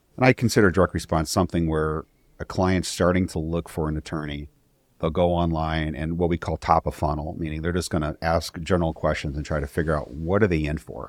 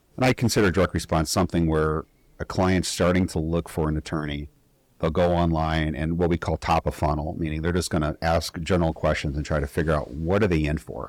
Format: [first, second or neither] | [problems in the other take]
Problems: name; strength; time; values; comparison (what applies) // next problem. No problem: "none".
first | distortion; slight; 5% of the sound clipped